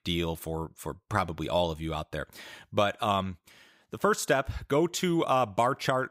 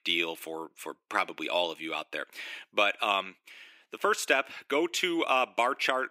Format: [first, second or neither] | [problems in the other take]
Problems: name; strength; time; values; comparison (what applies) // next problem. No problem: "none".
first | thin; somewhat; fading below 300 Hz